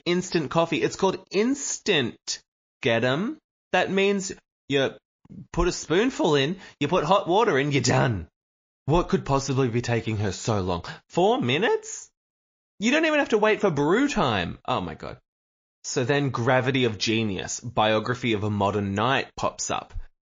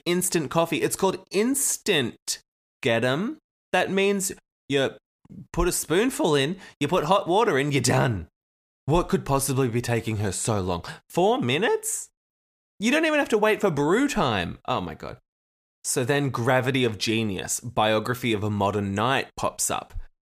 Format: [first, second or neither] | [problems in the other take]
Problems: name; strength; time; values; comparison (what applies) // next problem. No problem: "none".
second | garbled, watery; slightly